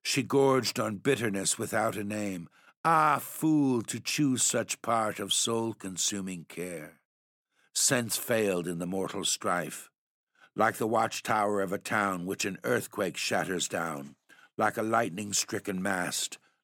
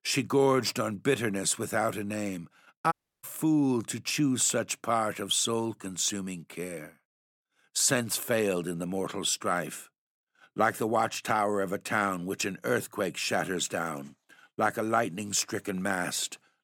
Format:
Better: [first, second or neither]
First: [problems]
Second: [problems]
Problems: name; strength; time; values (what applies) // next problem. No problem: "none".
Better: first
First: none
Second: audio cutting out; at 3 s